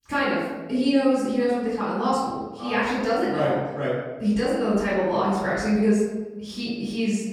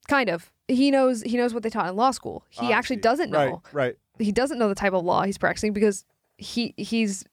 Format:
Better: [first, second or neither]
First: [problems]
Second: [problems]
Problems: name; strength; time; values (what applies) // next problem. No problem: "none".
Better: second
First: off-mic speech; far // room echo; noticeable; dies away in 1.1 s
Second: none